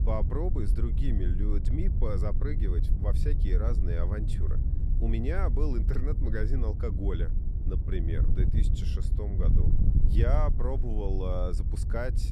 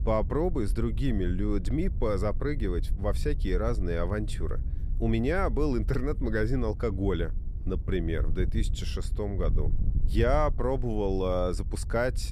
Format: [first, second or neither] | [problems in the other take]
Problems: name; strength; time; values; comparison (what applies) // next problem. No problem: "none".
second | wind noise on the microphone; heavy; 7 dB below the speech; occasional gusts in the second